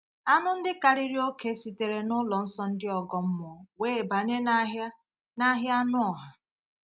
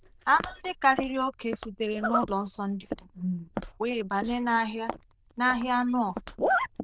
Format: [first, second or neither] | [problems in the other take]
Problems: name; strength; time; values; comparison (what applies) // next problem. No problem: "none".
first | noise reduction (neural diffusion model UNIVERSE++)